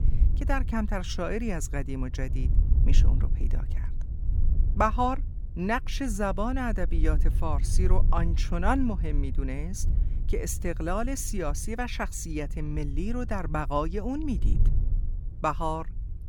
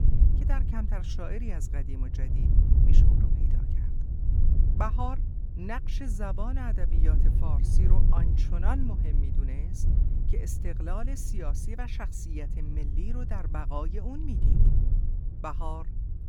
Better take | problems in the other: first | wind noise on the microphone; heavy; 5 dB below the speech; occasional gusts in the first

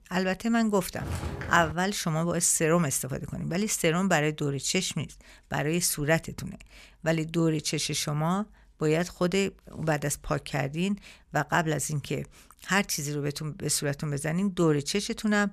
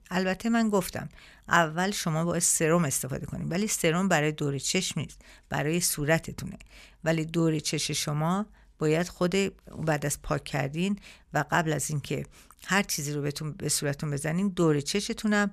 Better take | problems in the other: second | footsteps; noticeable; at 1 s; peak 7 dB below the speech

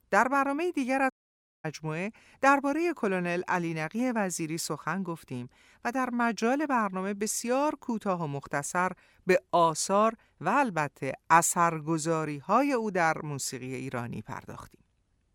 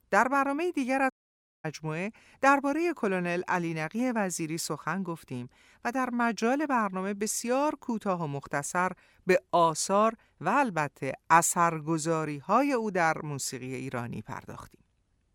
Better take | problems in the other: neither | audio cutting out; at 1 s for 0.5 s; the same in both

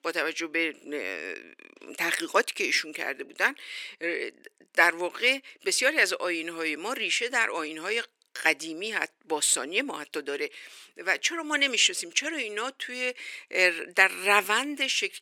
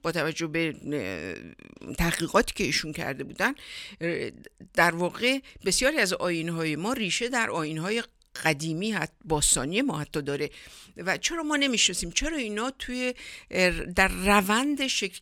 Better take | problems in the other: second | thin; somewhat; fading below 350 Hz

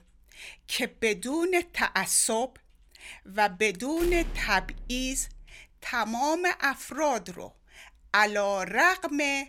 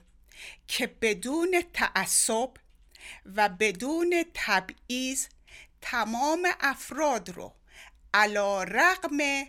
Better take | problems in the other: second | door banging; faint; from 4 to 5.5 s; peak 10 dB below the speech

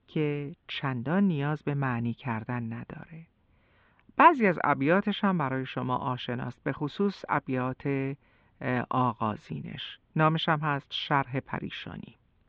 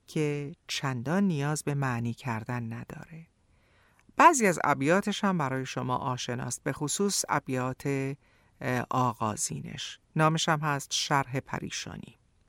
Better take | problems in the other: second | muffled; very; fading above 3.5 kHz

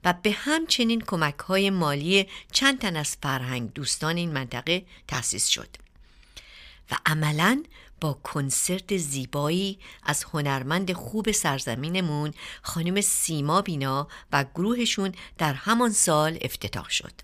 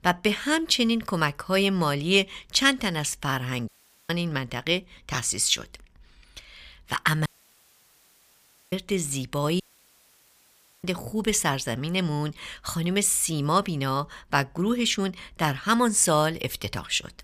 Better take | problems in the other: first | audio cutting out; at 3.5 s, at 7.5 s for 1.5 s and at 9.5 s for 1 s

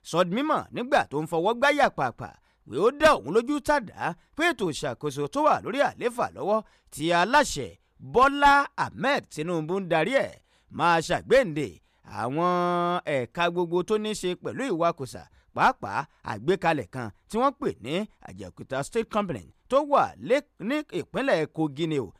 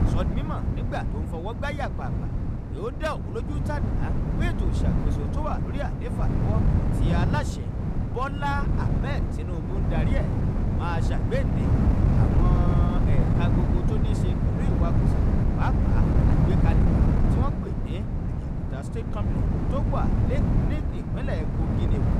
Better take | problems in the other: first | wind noise on the microphone; heavy; as loud as the speech

